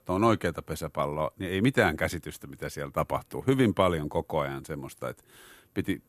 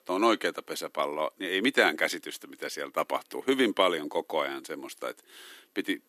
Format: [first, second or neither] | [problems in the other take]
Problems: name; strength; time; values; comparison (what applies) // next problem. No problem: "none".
first | thin; very slightly; fading below 300 Hz